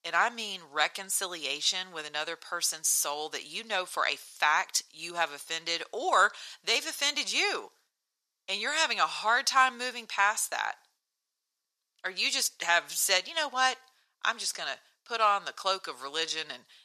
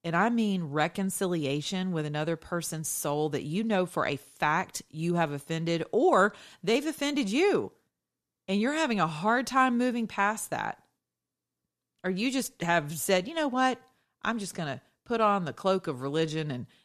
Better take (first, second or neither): second